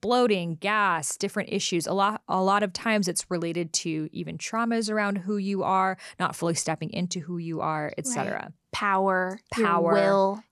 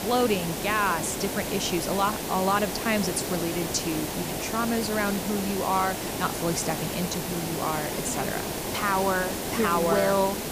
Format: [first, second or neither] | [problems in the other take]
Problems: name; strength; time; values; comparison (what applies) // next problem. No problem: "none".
first | hiss; loud; throughout; 3 dB below the speech